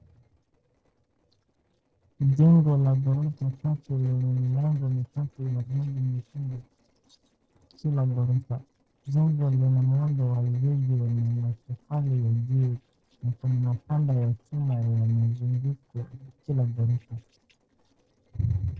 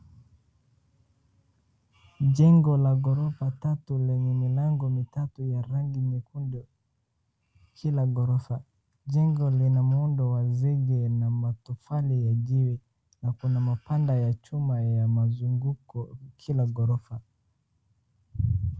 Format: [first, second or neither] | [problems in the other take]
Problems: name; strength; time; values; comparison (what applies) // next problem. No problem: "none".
second | noise reduction (neural separator model SepFormer DNS4)